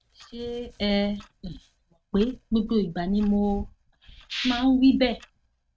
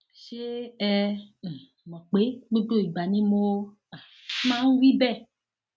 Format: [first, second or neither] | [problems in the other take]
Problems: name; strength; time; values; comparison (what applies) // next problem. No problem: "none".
second | noise reduction (neural mask model RNNoise)